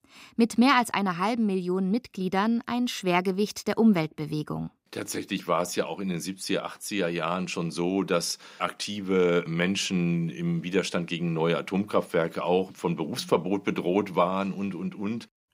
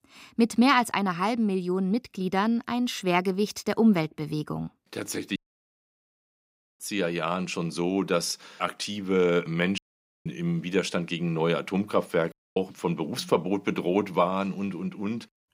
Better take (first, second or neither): first